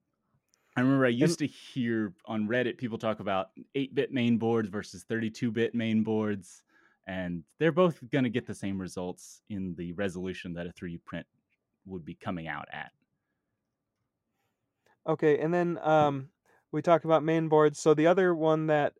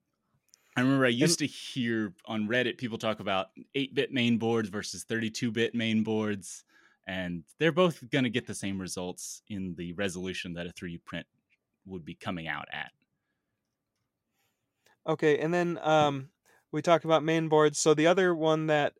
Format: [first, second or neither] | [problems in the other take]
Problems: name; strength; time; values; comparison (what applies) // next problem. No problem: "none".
second | muffled; slightly; fading above 2 kHz